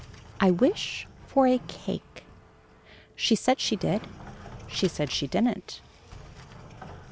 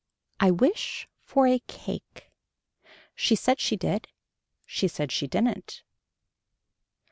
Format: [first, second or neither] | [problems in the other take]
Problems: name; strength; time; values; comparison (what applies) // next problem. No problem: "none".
second | background sound (Sliding door); 17 dB below the speech